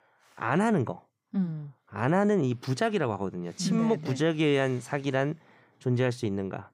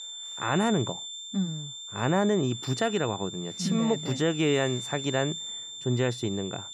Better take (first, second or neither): first